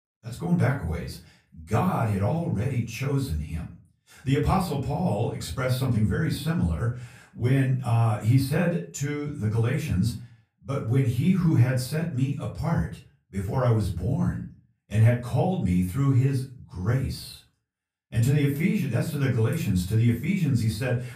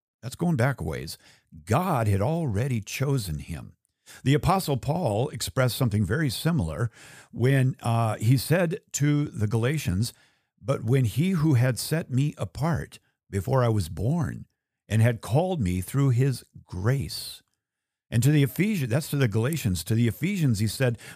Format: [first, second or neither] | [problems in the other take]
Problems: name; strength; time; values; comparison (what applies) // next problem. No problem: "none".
second | off-mic speech; far // room echo; slight; dies away in 0.3 s